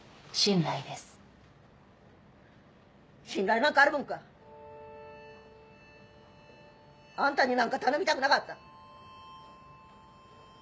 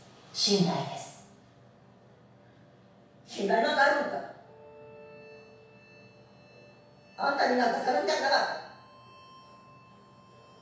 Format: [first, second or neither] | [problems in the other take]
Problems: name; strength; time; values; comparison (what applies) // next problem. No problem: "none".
first | room echo; dies away in 0.7 s